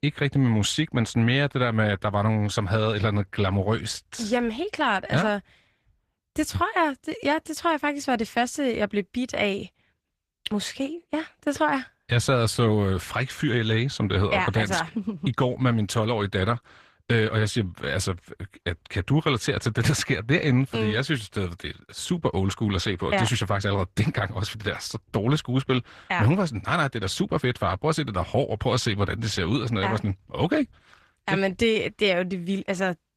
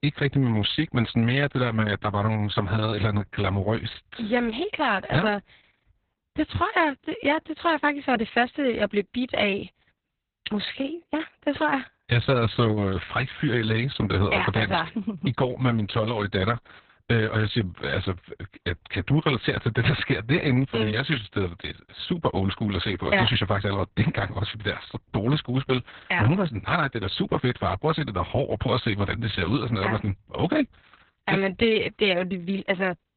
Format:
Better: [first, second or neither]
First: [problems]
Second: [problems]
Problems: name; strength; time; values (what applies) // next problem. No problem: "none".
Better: first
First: garbled, watery; slightly; nothing above 14.5 kHz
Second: garbled, watery; badly; nothing above 4 kHz